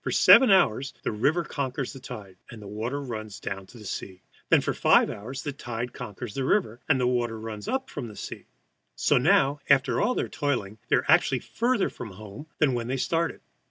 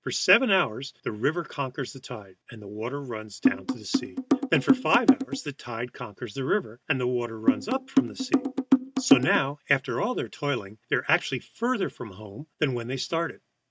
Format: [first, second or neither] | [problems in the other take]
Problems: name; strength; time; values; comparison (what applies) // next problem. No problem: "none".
first | noise reduction (neural mask model RNNoise)